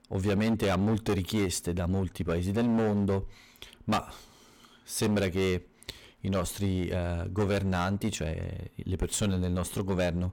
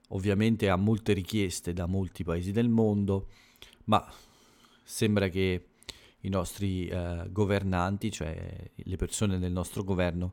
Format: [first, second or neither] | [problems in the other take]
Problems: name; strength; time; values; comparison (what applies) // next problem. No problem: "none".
second | distortion; heavy; 14% of the sound clipped